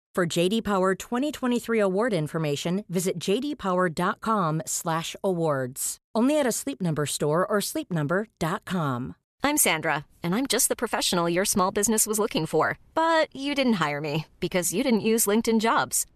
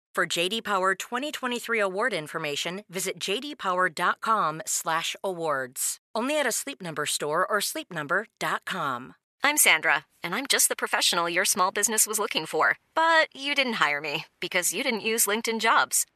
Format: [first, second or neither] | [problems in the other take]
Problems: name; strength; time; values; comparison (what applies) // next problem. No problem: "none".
first | thin; somewhat; fading below 750 Hz